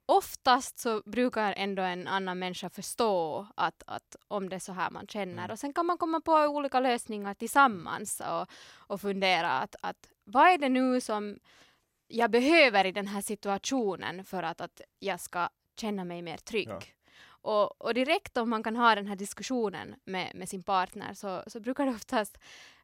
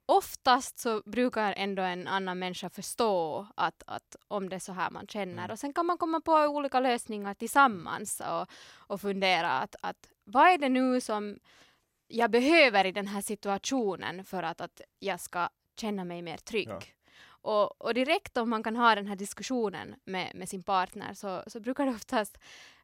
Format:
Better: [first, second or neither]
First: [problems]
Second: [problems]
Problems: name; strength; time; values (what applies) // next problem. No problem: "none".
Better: neither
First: none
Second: none